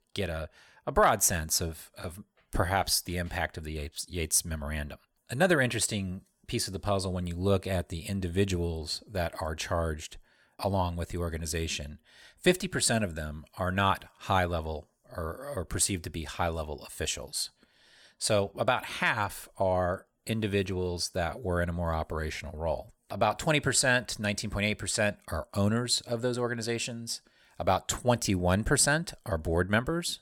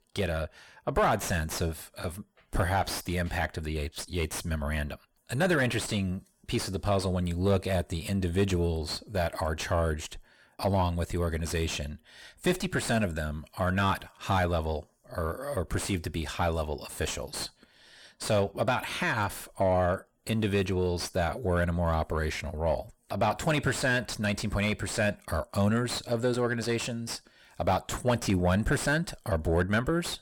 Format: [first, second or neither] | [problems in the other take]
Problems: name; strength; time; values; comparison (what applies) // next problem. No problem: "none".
first | distortion; heavy; 7 dB below the speech